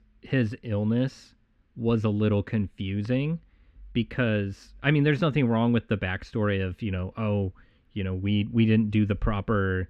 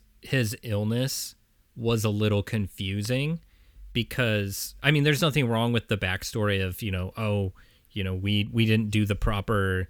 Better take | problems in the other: second | muffled; very; fading above 2 kHz

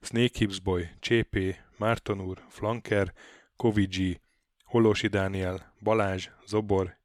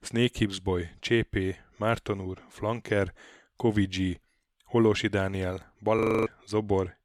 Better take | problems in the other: first | audio freezing; at 6 s

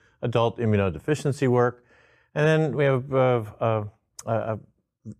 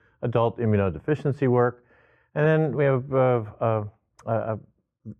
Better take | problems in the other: first | muffled; very; fading above 4 kHz

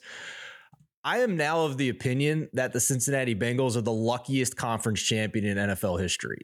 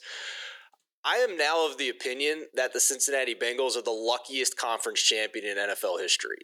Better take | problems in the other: first | thin; very; fading below 350 Hz

